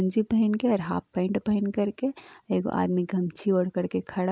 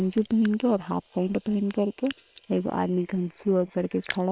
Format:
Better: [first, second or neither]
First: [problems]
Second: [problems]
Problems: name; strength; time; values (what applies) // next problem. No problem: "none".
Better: first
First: none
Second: noise reduction (neural separator model SepFormer WHAM!)